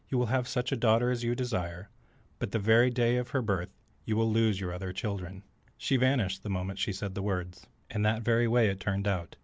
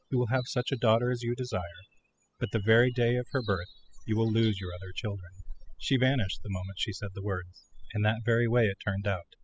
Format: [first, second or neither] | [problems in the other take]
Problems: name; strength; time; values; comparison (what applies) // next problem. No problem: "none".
first | noise reduction (classical method spectral subtraction)